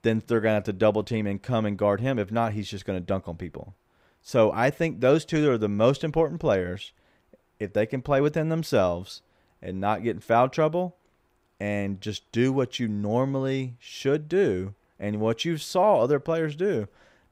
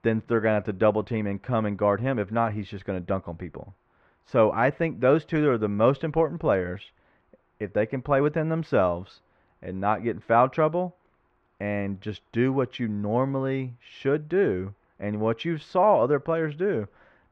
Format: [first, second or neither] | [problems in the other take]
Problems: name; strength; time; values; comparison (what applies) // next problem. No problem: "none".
first | muffled; very; fading above 2 kHz